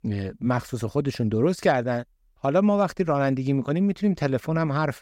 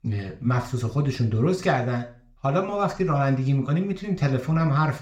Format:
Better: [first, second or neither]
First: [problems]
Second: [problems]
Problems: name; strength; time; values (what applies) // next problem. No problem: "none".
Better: first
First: none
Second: room echo; very slight; dies away in 0.4 s // off-mic speech; somewhat distant